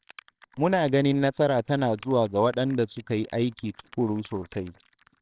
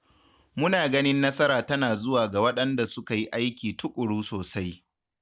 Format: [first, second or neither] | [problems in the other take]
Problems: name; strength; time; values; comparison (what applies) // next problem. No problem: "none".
second | noise reduction (neural separator model SepFormer WHAMR!)